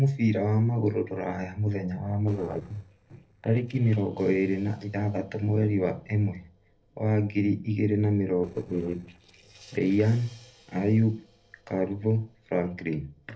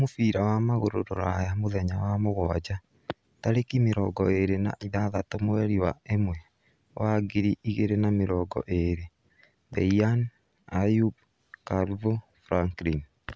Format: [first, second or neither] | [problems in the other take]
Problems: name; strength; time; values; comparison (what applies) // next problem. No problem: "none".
second | noise reduction (neural separator model SepFormer DNS4)